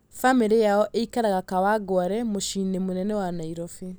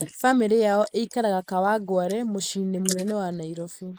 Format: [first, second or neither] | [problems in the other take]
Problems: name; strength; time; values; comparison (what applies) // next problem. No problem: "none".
first | noise reduction (neural mask model Resemble Enhance denoiser)